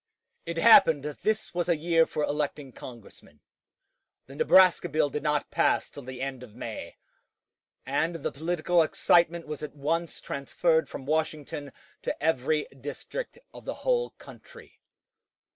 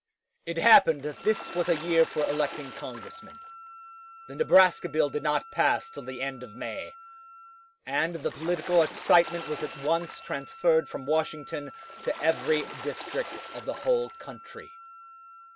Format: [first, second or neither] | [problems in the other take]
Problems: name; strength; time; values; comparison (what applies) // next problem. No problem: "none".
first | background sound (Wind instrument, woodwind instrument + Water / Splash, splatter); 15 dB below the speech